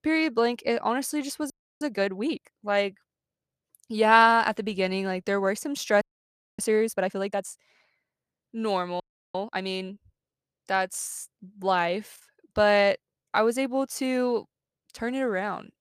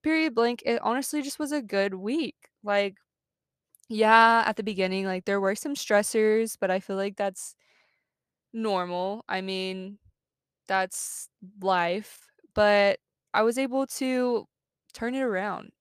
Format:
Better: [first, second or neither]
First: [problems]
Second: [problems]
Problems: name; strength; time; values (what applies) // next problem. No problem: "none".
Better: second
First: audio freezing; at 1.5 s, at 6 s for 0.5 s and at 9 s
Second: none